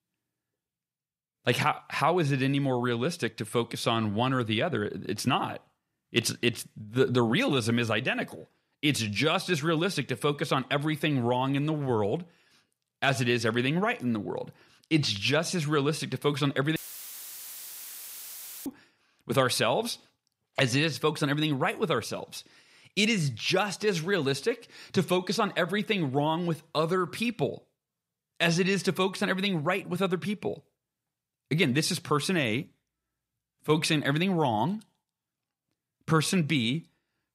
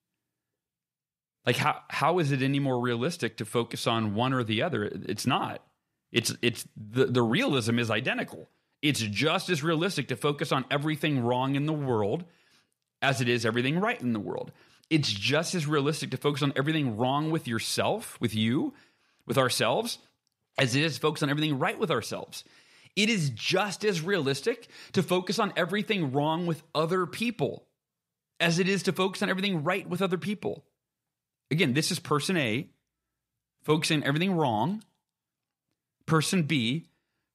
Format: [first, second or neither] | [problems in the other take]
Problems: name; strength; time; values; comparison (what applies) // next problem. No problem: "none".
second | audio cutting out; filled with static; at 17 s for 2 s